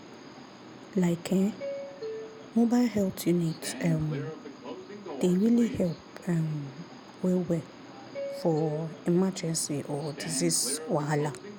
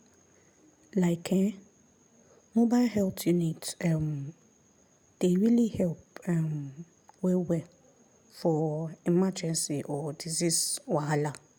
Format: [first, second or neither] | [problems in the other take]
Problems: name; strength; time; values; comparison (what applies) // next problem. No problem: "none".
second | background sound (Subway, metro, underground); 12 dB below the speech